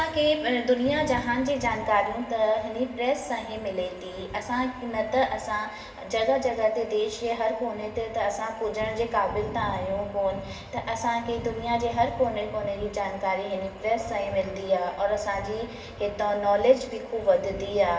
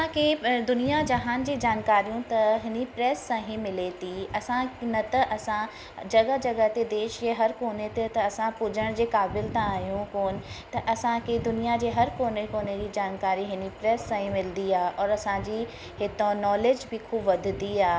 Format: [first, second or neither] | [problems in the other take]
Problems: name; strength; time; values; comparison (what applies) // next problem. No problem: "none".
second | room echo; dies away in 1.2 s